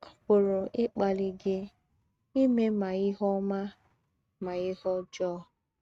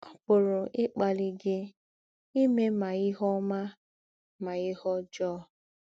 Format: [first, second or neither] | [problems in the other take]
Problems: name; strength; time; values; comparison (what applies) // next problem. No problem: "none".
second | noise reduction (neural mask model RNNoise)